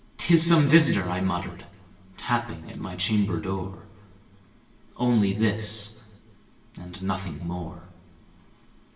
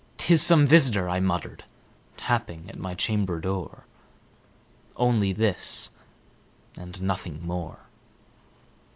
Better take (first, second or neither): second